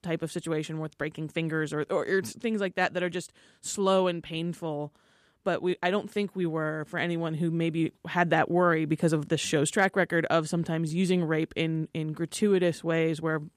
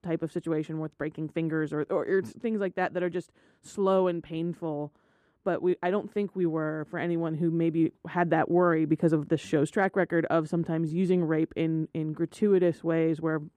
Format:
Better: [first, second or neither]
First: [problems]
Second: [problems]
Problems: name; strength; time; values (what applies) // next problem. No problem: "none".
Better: first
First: none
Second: muffled; slightly; fading above 2 kHz